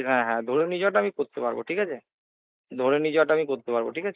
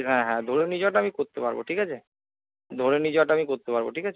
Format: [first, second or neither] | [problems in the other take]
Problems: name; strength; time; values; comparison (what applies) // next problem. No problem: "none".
second | noise reduction (neural mask model Resemble Enhance denoiser)